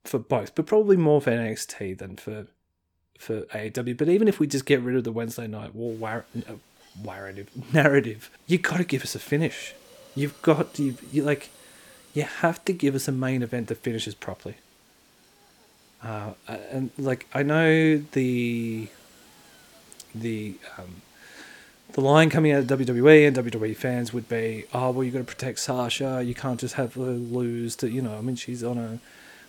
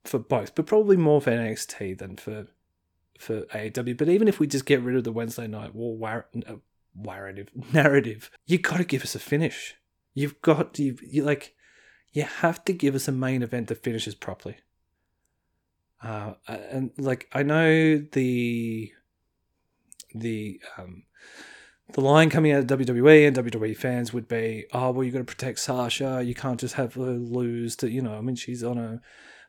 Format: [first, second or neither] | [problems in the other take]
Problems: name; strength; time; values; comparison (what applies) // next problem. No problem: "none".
second | hiss; faint; from 6 s on; 30 dB below the speech